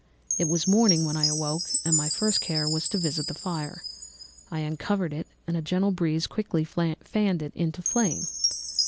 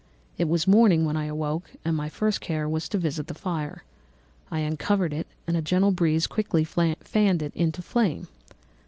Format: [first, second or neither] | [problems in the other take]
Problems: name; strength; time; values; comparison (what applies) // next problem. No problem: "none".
second | background sound (Chime); 4 dB below the speech